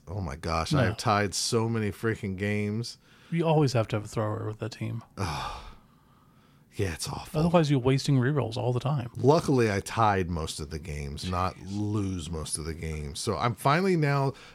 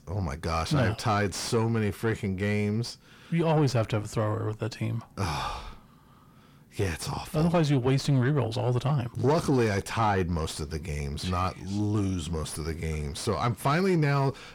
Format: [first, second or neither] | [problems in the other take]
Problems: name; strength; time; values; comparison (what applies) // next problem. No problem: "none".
first | distortion; slight; 10 dB below the speech